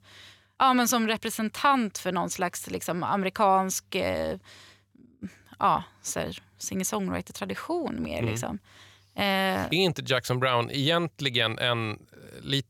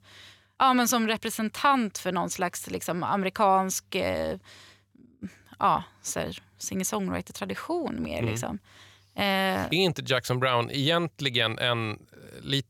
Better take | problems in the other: neither | none

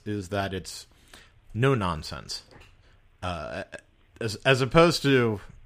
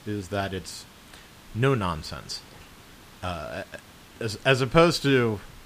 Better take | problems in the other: first | hiss; faint; throughout; 25 dB below the speech

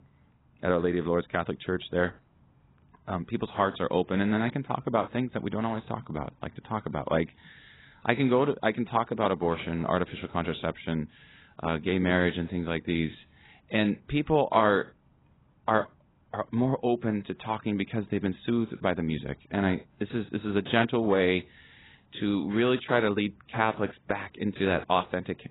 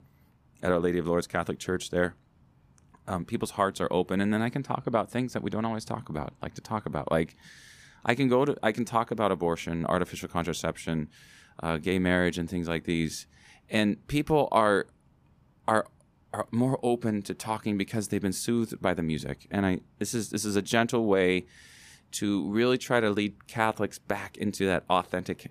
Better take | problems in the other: second | garbled, watery; badly; nothing above 4 kHz

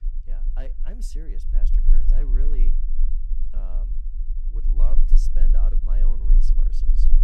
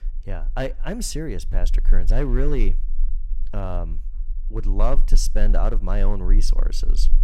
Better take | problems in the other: second | low rumble; loud; throughout; 4 dB below the speech; faint in the second

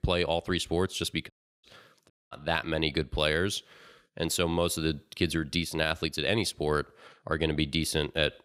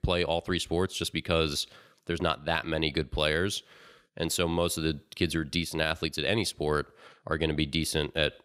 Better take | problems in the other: second | audio cutting out; at 1.5 s and at 2 s

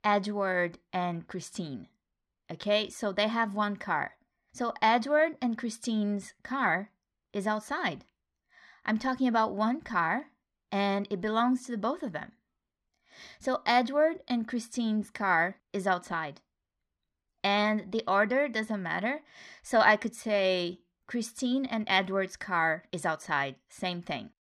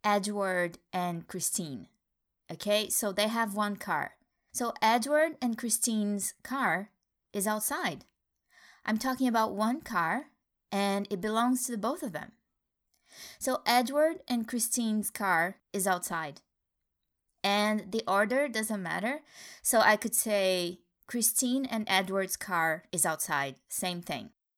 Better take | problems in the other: second | muffled; slightly; fading above 3 kHz

